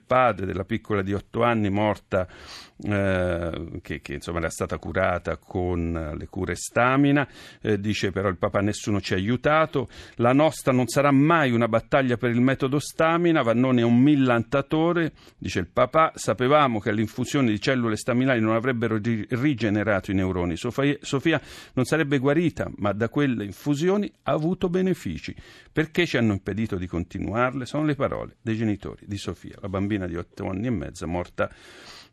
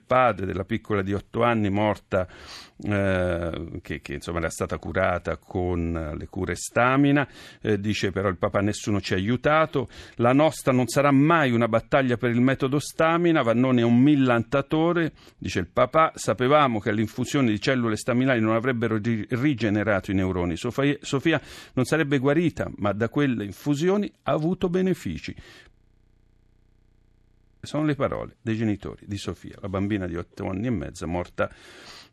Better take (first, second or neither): first